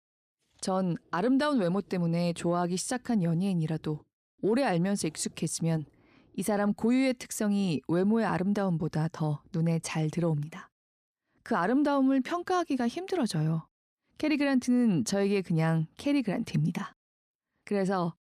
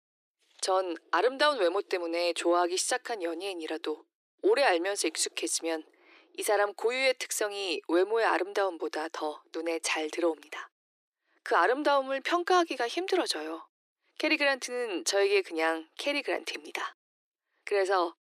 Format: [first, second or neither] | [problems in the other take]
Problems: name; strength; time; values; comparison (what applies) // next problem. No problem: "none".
first | thin; very; fading below 350 Hz